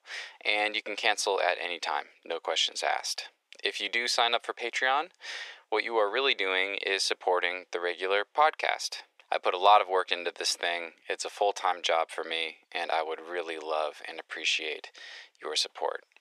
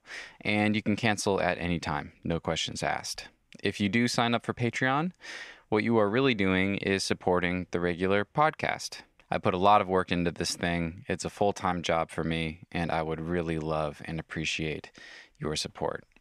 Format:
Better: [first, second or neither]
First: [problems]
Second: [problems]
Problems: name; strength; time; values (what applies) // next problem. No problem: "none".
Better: second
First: thin; very; fading below 400 Hz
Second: none